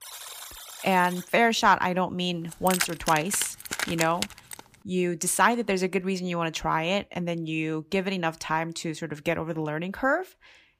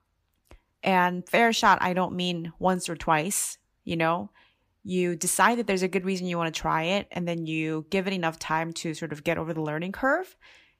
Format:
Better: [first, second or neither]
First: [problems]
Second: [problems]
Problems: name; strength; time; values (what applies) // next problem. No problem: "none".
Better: second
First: alarm; faint; until 1.5 s; peak 10 dB below the speech // jangling keys; noticeable; from 2.5 to 4.5 s; peak 2 dB below the speech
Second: none